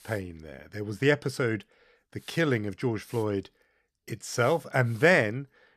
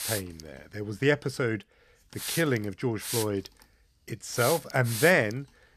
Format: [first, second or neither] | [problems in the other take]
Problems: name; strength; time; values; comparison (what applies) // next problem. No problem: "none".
first | hiss; loud; throughout; 7 dB below the speech; faint in the first